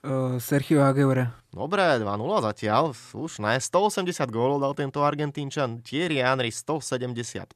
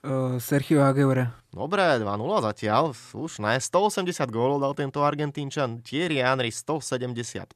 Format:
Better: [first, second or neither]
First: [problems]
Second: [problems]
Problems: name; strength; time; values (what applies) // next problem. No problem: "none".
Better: neither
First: none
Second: none